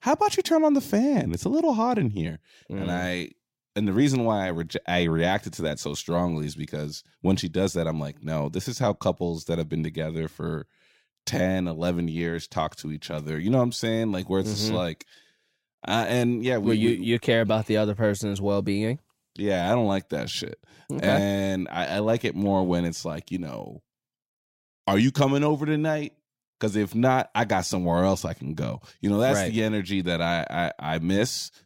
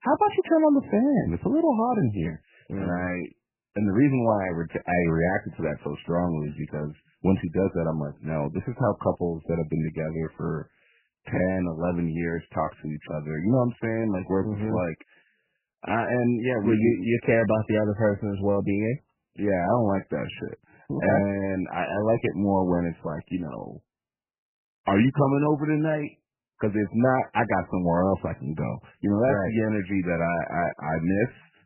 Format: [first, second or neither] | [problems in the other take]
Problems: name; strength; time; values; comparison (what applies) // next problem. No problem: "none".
first | garbled, watery; badly; nothing above 3 kHz